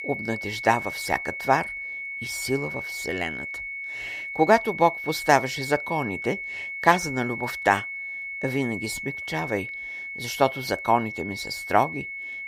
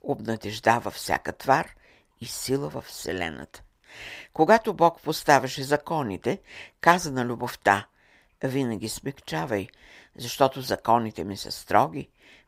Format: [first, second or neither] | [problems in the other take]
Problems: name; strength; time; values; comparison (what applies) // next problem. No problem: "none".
second | high-pitched whine; loud; throughout; 2 kHz, 6 dB below the speech